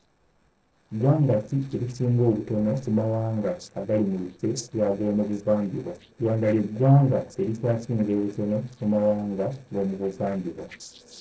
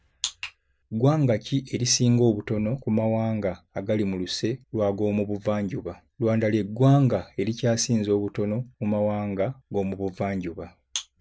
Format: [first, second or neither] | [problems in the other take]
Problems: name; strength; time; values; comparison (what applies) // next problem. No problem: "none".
second | noise reduction (neural separator model SepFormer DNS4)